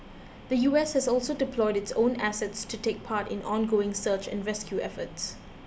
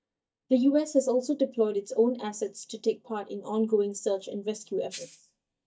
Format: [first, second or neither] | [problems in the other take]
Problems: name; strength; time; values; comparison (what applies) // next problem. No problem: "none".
first | noise reduction (neural mask model DeepFilterNet 3)